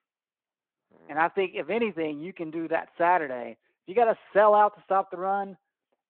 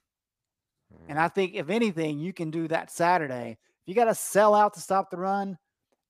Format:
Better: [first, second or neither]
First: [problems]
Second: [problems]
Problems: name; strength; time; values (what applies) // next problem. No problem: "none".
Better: second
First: phone-call audio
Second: none